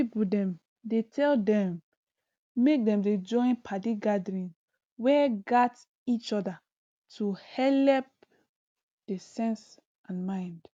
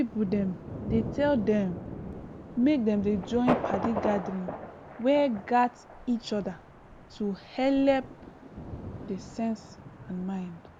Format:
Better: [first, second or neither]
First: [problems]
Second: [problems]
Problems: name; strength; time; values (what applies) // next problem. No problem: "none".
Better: first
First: none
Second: background sound (Thunder); 8 dB below the speech